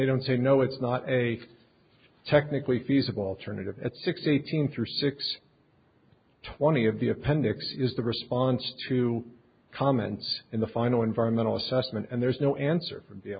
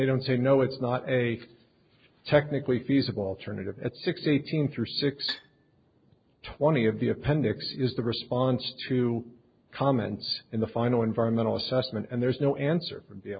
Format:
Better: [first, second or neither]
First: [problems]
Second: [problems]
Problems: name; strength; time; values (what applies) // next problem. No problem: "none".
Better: first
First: none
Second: noise reduction (neural separator model SepFormer DNS4)